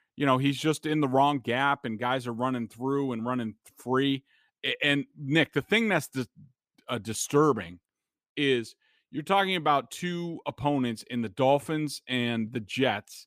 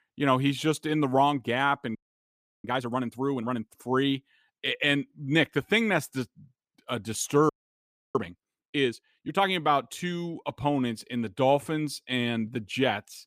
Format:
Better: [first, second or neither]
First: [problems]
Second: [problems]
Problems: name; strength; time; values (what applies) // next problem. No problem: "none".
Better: first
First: none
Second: audio freezing; at 2 s for 0.5 s and at 7.5 s for 0.5 s